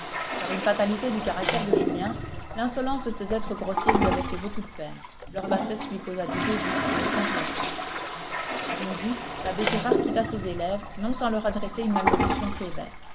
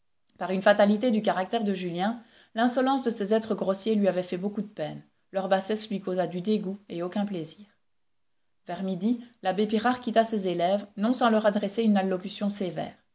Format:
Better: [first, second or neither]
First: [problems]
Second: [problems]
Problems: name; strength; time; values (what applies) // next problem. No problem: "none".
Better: second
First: background sound (Toilet flush); 2 dB above the speech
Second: none